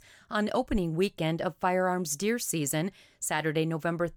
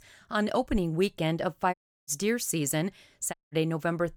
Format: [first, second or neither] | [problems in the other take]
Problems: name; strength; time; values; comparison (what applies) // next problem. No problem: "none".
first | audio cutting out; at 1.5 s and at 3.5 s